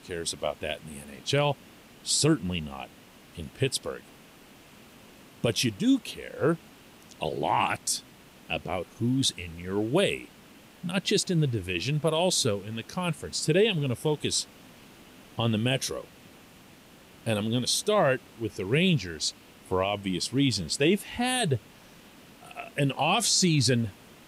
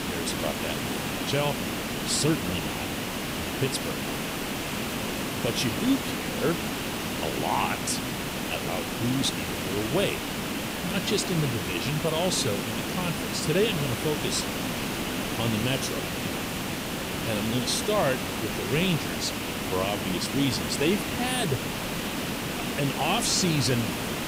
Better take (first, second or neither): first